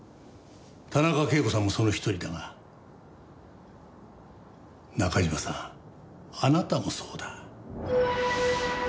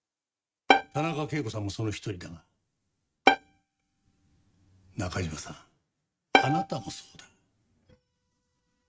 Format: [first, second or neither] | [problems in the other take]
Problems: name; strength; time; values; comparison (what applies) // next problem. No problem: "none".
first | noise reduction (neural mask model RNNoise)